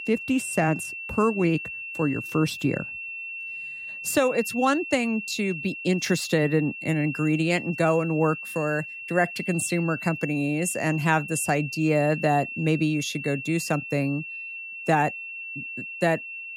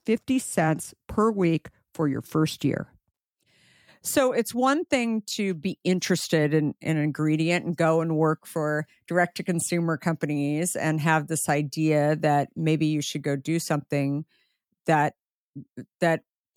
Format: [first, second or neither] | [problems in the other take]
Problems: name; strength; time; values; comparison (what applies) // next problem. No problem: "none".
second | high-pitched whine; loud; throughout; 2.5 kHz, 8 dB below the speech